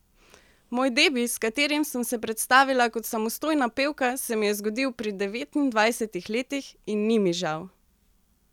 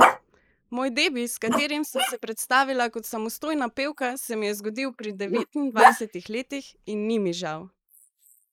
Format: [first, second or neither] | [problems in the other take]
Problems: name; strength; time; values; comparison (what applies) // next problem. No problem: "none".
first | noise reduction (neural mask model Resemble Enhance denoiser)